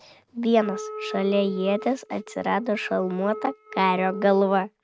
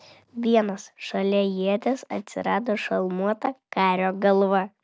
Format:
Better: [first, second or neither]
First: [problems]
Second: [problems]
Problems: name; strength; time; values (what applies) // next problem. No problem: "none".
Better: second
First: noise reduction (neural mask model RNNoise)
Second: none